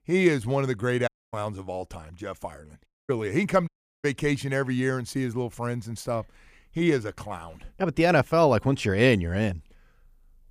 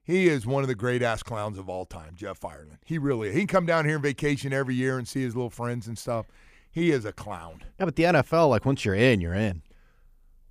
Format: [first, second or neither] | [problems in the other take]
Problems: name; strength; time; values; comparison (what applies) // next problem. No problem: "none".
second | audio cutting out; at 1 s, at 3 s and at 3.5 s